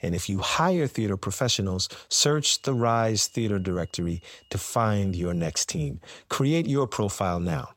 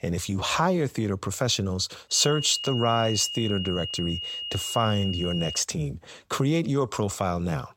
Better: first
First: high-pitched whine; faint; from 2 to 5.5 s; 3 kHz, 35 dB below the speech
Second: high-pitched whine; loud; from 2 to 5.5 s; 3 kHz, 6 dB below the speech

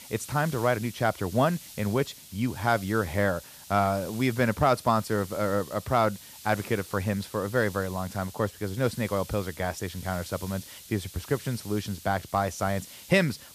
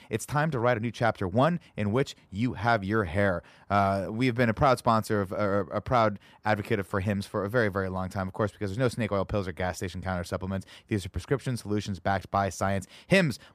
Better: second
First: hiss; noticeable; throughout; 15 dB below the speech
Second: none

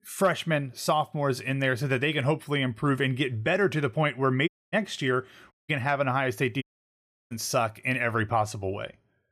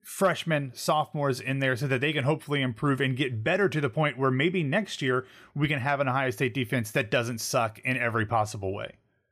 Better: second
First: audio cutting out; at 4.5 s, at 5.5 s and at 6.5 s for 0.5 s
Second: none

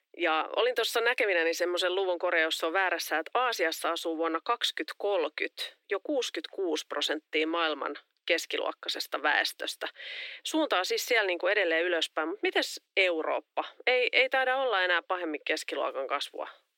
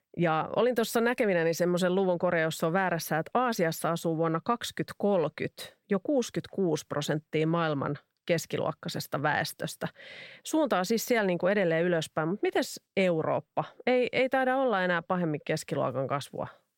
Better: second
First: thin; very; fading below 300 Hz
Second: none

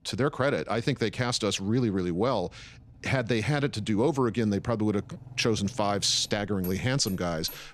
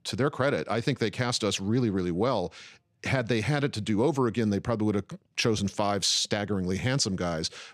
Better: second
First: traffic noise; faint; throughout; 20 dB below the speech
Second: none

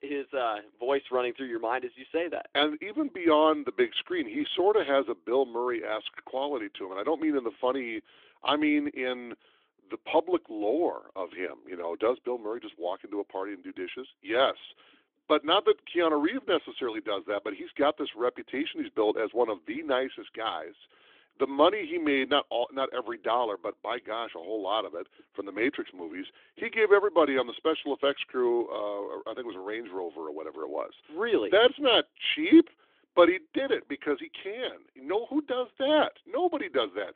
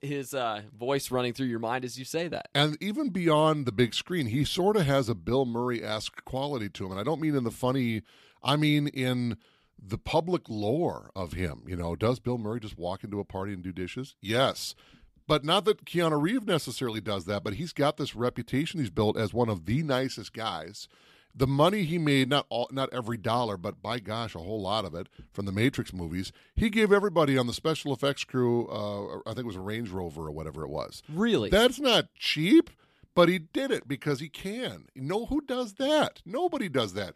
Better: second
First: phone-call audio; nothing above 3.5 kHz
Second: none

